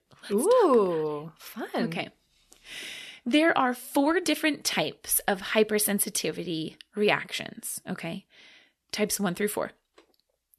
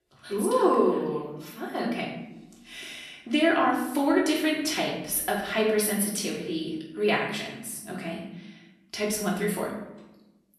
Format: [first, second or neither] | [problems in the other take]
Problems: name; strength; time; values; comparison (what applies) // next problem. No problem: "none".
first | room echo; noticeable; dies away in 0.8 s // off-mic speech; far